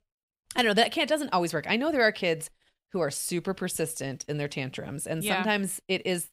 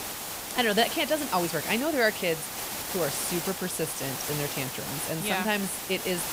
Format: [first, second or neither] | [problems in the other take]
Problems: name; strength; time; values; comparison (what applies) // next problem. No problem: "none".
first | hiss; loud; throughout; 4 dB below the speech